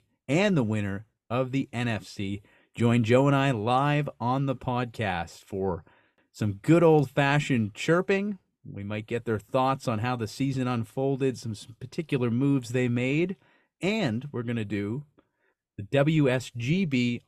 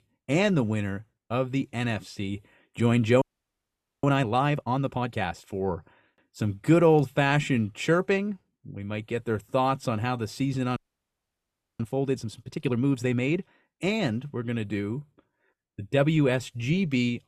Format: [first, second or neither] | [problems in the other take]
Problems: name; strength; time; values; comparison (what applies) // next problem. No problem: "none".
first | audio freezing; at 3 s for 1 s and at 11 s for 1 s